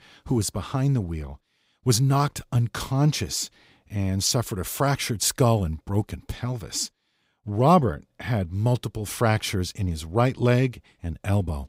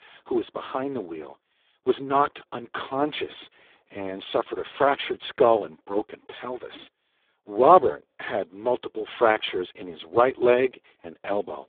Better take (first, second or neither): first